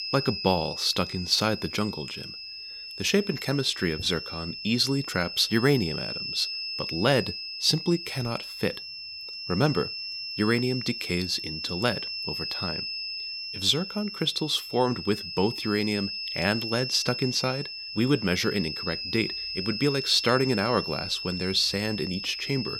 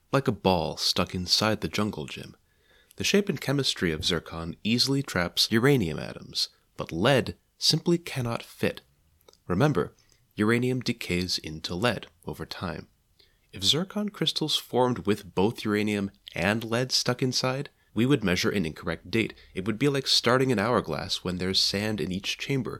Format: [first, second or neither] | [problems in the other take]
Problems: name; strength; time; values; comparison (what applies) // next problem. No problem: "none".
second | high-pitched whine; loud; throughout; 5.5 kHz, 6 dB below the speech